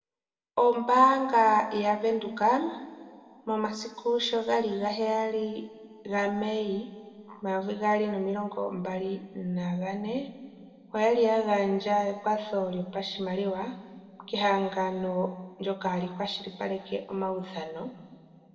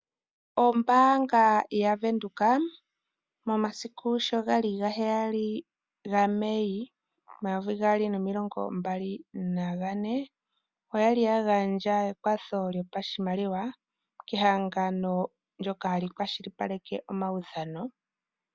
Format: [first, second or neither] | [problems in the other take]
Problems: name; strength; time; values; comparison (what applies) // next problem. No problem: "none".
second | room echo; dies away in 1.8 s